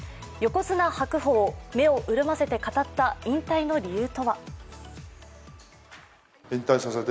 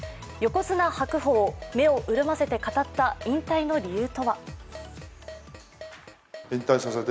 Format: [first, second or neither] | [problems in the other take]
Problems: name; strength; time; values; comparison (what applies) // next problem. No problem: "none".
first | background sound (Keyboard (musical)); 19 dB below the speech